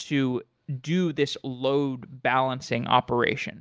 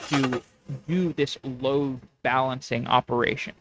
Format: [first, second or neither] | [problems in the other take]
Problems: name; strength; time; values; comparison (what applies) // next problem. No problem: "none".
first | noise reduction (neural mask model RNNoise)